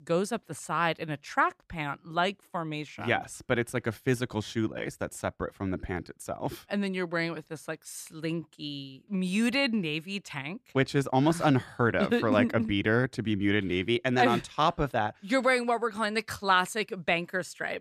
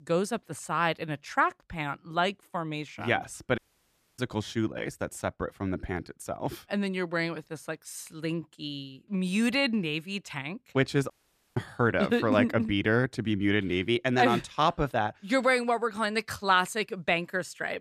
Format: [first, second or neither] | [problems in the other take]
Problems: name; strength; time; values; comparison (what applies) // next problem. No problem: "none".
first | audio cutting out; at 3.5 s for 0.5 s and at 11 s